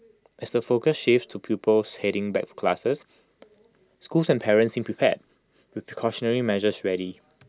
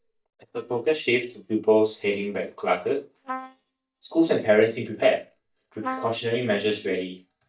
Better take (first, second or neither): first